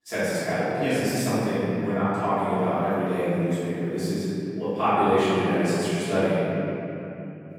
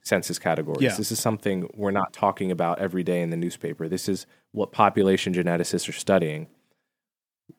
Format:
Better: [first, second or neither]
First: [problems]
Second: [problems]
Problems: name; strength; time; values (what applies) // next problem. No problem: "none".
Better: second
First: off-mic speech; far // room echo; strong; dies away in 3 s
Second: none